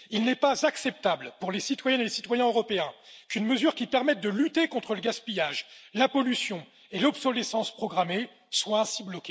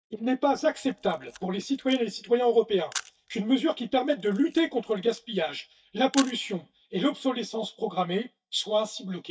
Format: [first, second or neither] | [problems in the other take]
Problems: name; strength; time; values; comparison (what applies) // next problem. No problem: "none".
first | noise reduction (neural mask model DeepFilterNet 3)